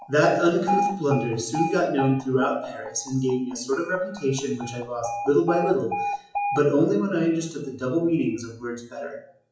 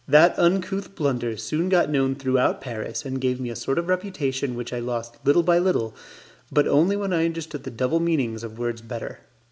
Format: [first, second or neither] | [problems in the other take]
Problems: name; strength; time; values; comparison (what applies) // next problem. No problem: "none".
second | noise reduction (classical method WPE with log-MMSE)